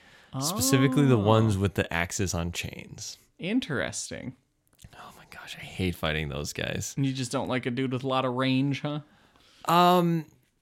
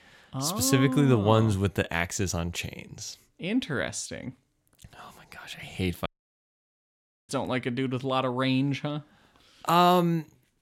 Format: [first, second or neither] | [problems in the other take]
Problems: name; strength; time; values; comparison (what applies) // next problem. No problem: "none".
first | audio cutting out; at 6 s for 1 s